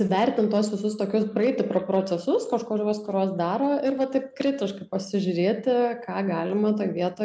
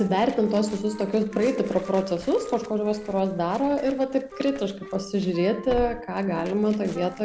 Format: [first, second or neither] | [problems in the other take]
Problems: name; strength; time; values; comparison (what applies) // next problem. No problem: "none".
first | background sound (Wind instrument, woodwind instrument + Tearing); 16 dB below the speech